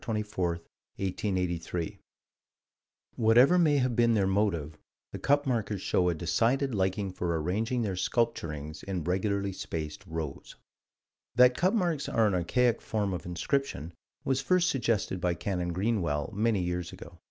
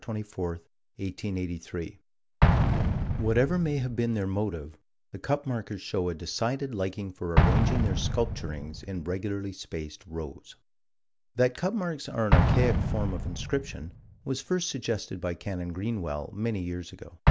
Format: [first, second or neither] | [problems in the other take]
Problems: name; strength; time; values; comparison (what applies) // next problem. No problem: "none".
first | background sound (Explosion); 1 dB above the speech